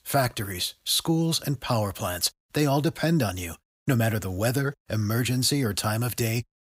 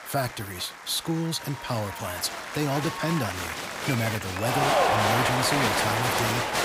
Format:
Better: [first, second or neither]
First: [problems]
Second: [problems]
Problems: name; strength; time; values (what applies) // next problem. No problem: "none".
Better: first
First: none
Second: crowd noise; very loud; throughout; 3 dB above the speech